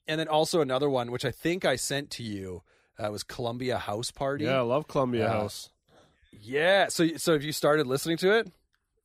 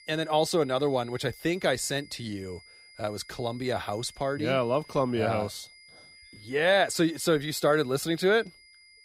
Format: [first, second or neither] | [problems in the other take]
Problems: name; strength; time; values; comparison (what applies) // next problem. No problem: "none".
first | high-pitched whine; faint; throughout; 2 kHz, 25 dB below the speech